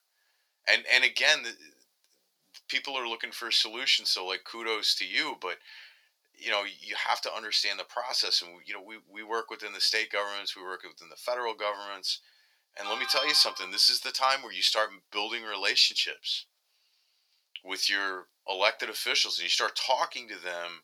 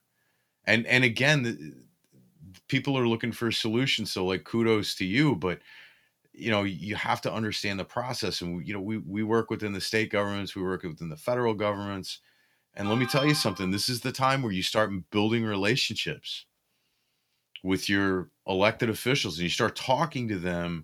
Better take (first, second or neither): second